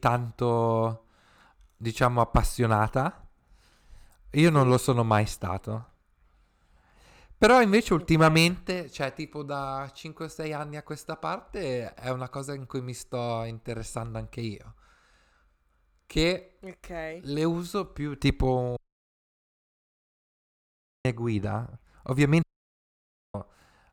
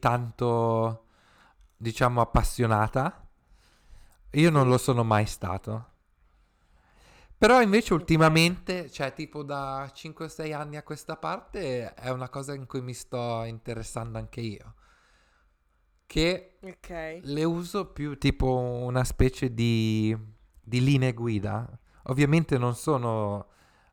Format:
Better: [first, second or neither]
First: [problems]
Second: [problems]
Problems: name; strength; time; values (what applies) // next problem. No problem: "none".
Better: second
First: audio cutting out; at 19 s for 2.5 s and at 22 s for 1 s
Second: none